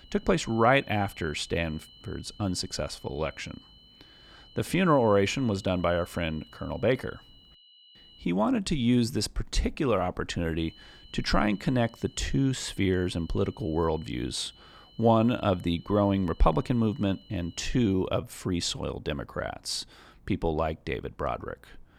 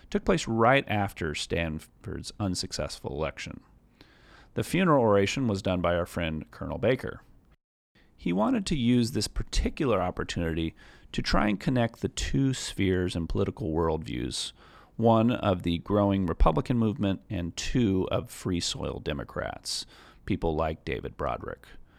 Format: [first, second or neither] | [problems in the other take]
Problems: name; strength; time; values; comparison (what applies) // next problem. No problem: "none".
second | high-pitched whine; faint; until 8.5 s and from 11 to 18 s; 3 kHz, 25 dB below the speech